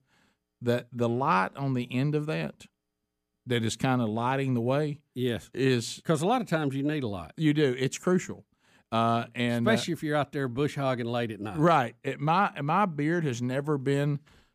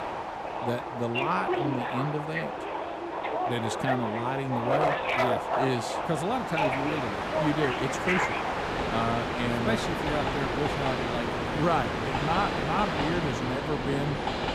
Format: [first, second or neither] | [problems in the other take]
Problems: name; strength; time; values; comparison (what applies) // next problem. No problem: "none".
first | train or aircraft noise; very loud; throughout; 2 dB above the speech